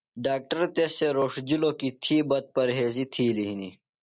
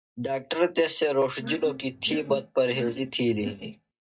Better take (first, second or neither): first